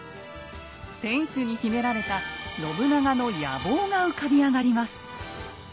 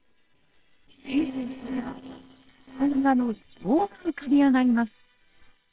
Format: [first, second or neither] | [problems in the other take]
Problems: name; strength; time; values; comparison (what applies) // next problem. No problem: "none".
first | noise reduction (neural separator model SepFormer WHAMR!)